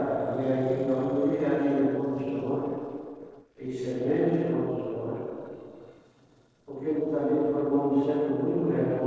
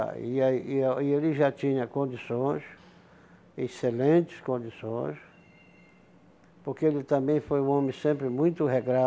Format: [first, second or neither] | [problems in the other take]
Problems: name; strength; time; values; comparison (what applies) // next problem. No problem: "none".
second | noise reduction (neural separator model SepFormer DNS4)